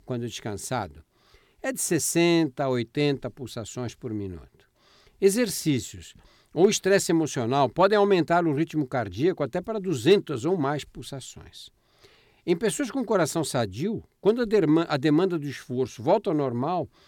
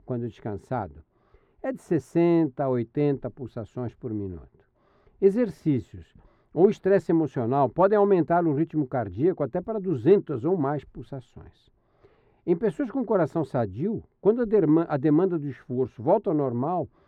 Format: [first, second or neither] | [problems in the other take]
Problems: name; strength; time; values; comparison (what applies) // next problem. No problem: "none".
first | muffled; very; fading above 2.5 kHz